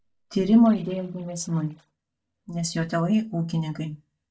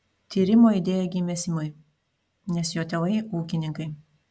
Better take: second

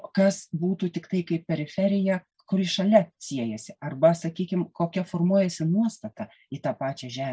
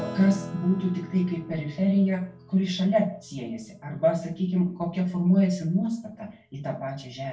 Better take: first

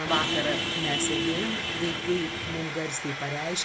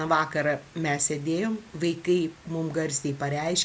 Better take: second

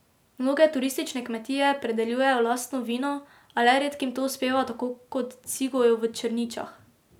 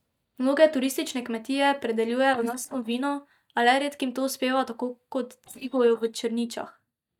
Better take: first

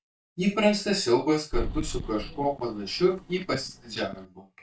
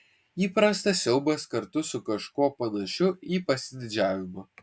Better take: second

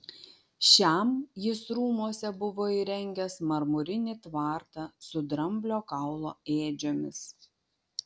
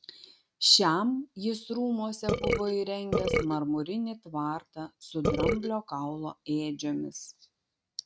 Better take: first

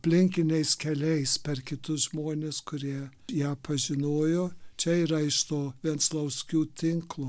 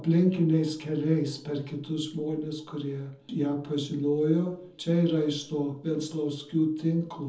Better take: first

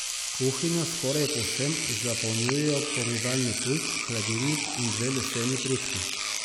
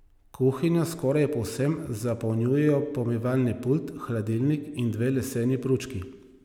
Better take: second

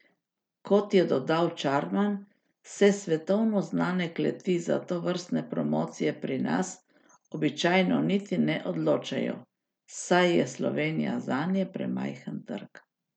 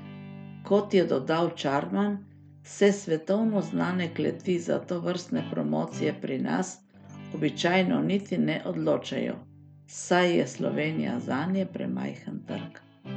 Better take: first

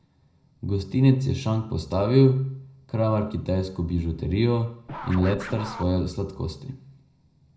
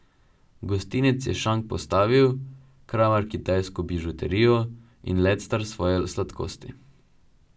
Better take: second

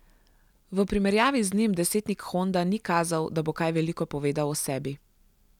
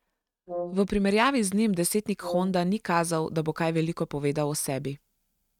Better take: first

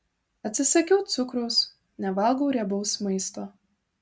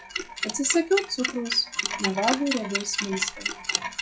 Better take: first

